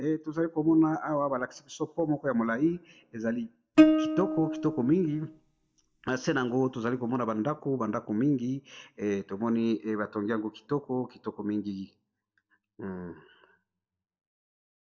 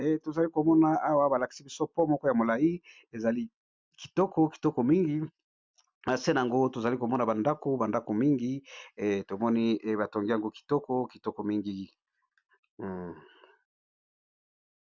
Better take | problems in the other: second | noise reduction (neural mask model DeepFilterNet 3)

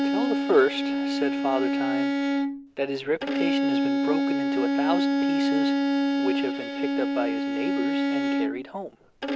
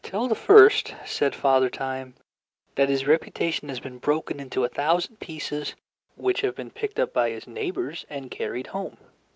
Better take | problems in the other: second | background sound (Bowed string instrument); 5 dB above the speech

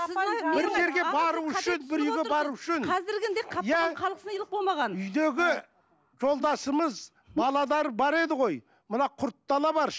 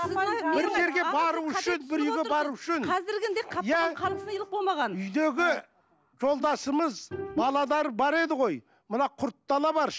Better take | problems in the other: first | background sound (Bowed string instrument); 18 dB below the speech

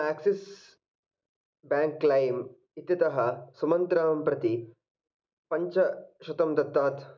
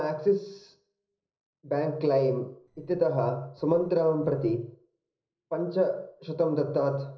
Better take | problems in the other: first | noise reduction (neural separator model SepFormer DNS4)

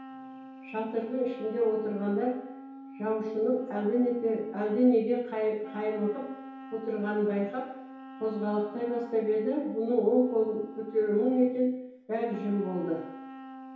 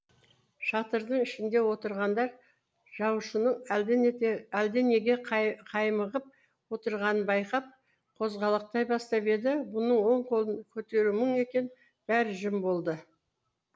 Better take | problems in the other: second | background sound (Wind instrument, woodwind instrument); 16 dB below the speech // room echo; dies away in 2.2 s

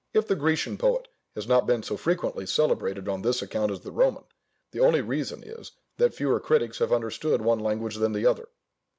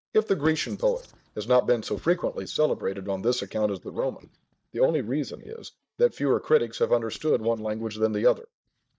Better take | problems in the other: first | noise reduction (neural mask model DeepFilterNet 3)

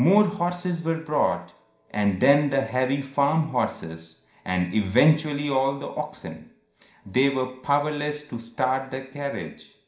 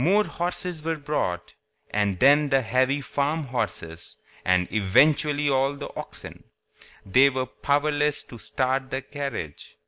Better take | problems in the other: second | room echo; dies away in 0.5 s

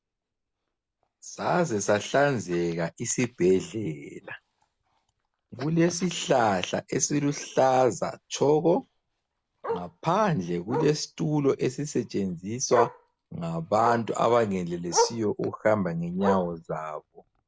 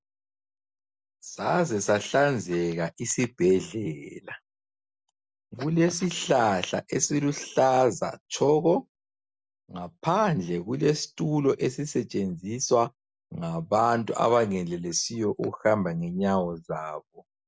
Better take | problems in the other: second | background sound (Bark); 11 dB below the speech

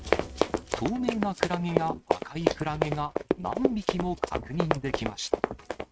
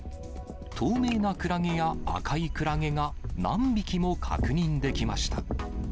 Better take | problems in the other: second | noise reduction (neural mask model RNNoise)

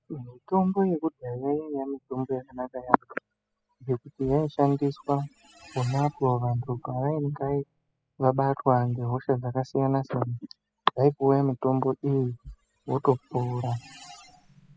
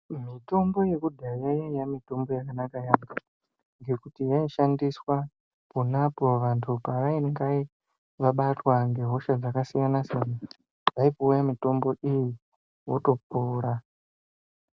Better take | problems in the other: second | noise reduction (classical method spectral subtraction)

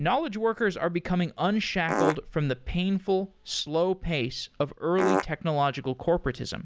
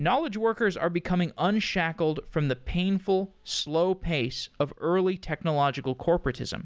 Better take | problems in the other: second | background sound (Fart); 2 dB above the speech

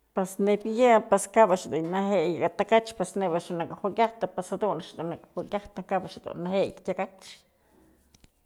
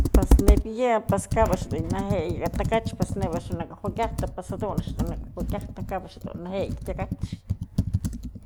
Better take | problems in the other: first | background sound (Computer keyboard); 4 dB above the speech

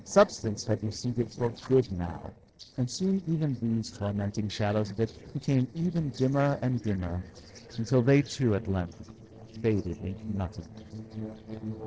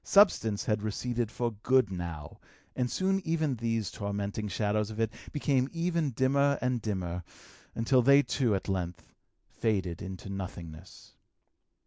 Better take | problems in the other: second | noise reduction (neural separator model SepFormer DNS4)

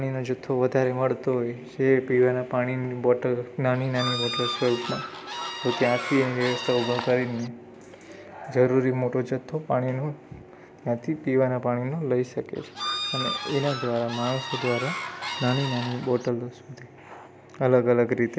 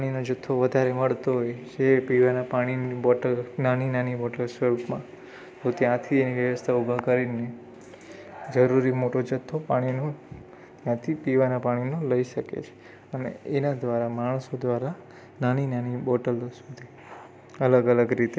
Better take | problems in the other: second | background sound (Bird / Fowl); 7 dB below the speech

